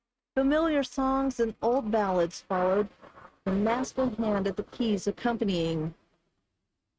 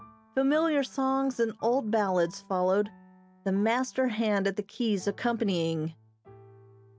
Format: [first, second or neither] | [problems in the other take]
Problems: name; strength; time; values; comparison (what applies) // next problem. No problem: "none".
second | noise reduction (neural mask model RNNoise)